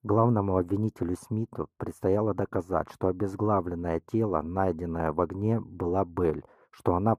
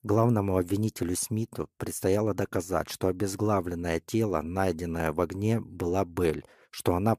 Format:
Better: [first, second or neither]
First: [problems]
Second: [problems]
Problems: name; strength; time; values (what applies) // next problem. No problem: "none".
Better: second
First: muffled; very; fading above 2 kHz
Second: none